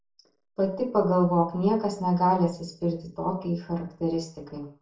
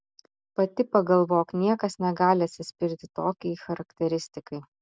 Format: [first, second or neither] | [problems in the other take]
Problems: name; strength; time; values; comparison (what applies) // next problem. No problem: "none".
second | room echo; dies away in 0.3 s